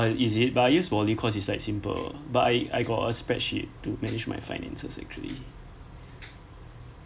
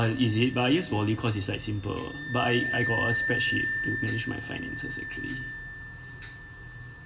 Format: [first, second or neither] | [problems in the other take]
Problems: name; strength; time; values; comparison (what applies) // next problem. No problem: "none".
first | background sound (Wind instrument, woodwind instrument); 5 dB below the speech // room echo; dies away in 1.3 s